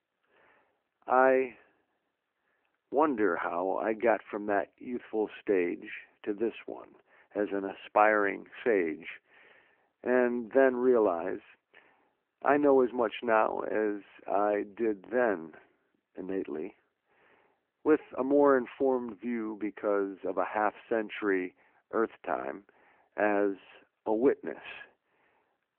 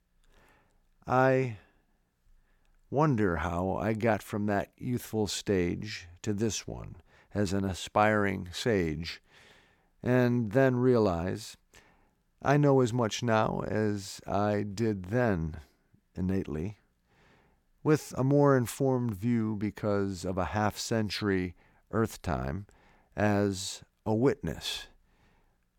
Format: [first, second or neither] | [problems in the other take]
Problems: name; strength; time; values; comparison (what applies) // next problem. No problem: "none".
second | phone-call audio